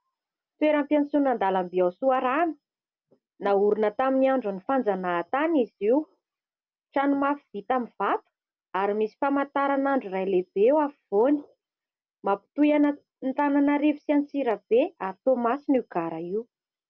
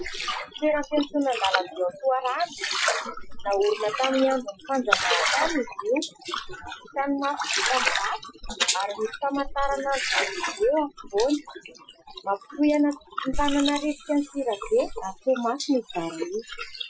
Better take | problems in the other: first | noise reduction (classical method Wiener filter)

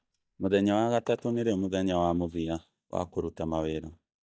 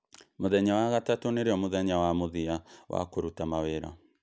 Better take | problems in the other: second | noise reduction (neural mask model DeepFilterNet 3)

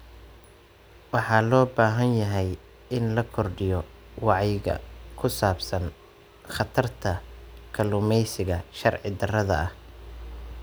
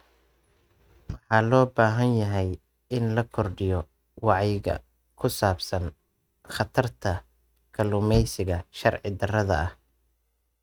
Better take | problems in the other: first | noise reduction (neural mask model RNNoise)

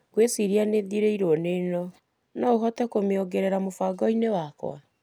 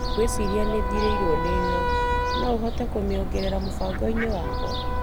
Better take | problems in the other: first | background sound (Fowl + Wind instrument, woodwind instrument); 3 dB above the speech

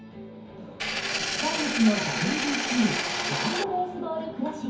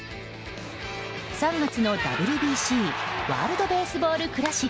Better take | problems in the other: second | background sound (Engine); as loud as the speech // room echo; dies away in 0.6 s

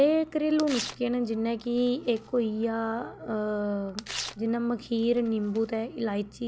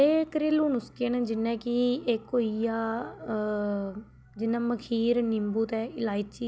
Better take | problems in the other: second | background sound (Tearing); 15 dB below the speech

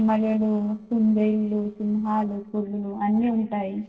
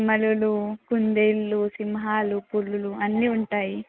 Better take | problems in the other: second | noise reduction (neural separator model SepFormer DNS4)

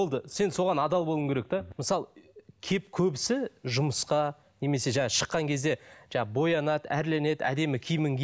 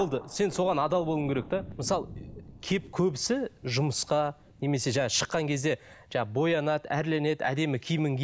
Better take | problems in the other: first | background sound (Thunder); 20 dB below the speech

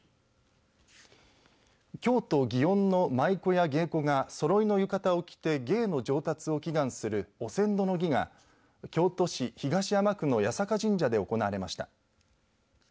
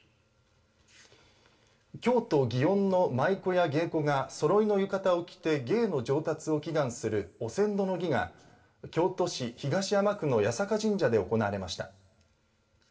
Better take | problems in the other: first | room echo; dies away in 0.5 s

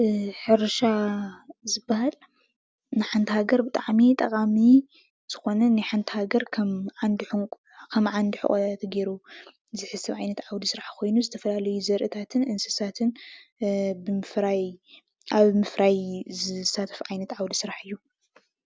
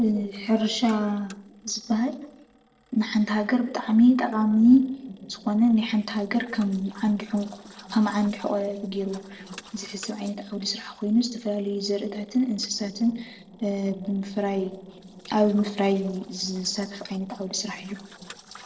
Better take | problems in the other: first | noise reduction (neural separator model SepFormer DNS4)

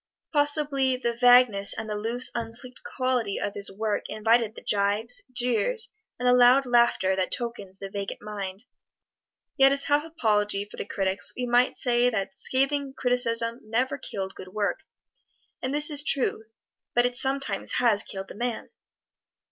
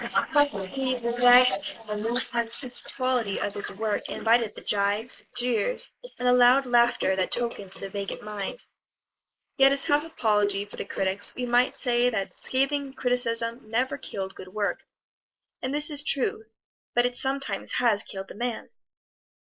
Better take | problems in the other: first | noise reduction (neural mask model Resemble Enhance denoiser)

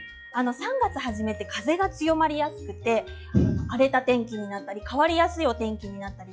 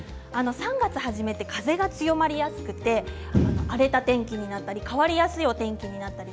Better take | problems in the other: second | noise reduction (classical method log-MMSE)

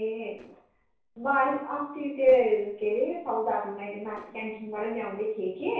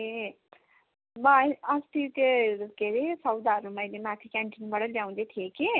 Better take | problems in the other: second | noise reduction (neural separator model SepFormer DNS4)

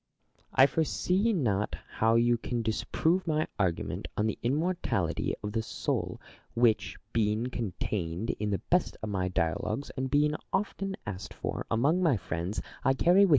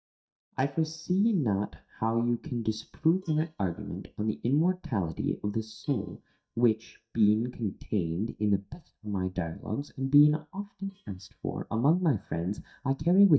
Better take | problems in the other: first | noise reduction (neural mask model DeepFilterNet 3)

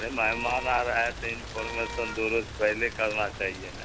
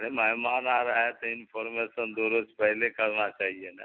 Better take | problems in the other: second | background sound (Rain + Wind instrument, woodwind instrument); 9 dB below the speech

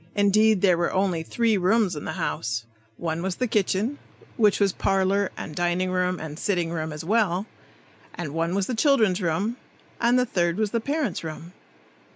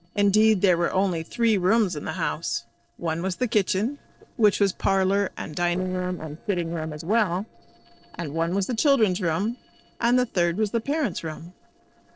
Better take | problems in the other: first | noise reduction (neural separator model SepFormer DNS4)

